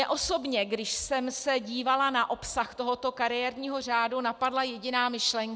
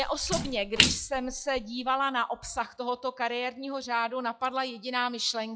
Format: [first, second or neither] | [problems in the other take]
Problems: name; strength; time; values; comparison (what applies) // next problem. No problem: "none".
first | noise reduction (classical method log-MMSE)